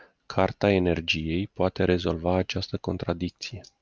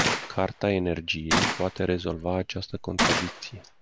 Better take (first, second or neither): first